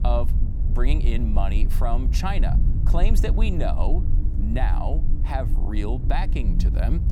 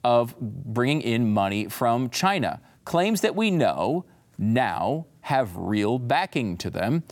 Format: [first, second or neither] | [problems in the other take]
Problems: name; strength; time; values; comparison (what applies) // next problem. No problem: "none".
second | low rumble; loud; throughout; 9 dB below the speech